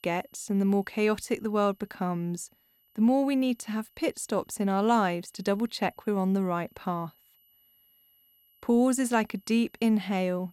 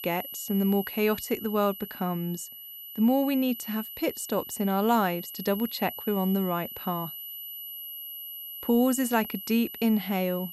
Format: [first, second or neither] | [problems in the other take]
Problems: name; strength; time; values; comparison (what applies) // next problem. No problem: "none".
first | high-pitched whine; loud; throughout; 12 kHz, 10 dB below the speech; faint in the first